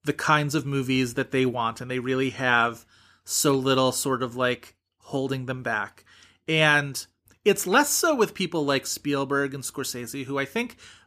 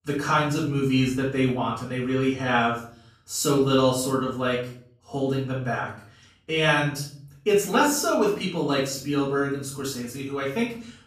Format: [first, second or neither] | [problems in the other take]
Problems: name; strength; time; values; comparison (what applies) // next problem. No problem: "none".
first | off-mic speech; far // room echo; noticeable; dies away in 0.5 s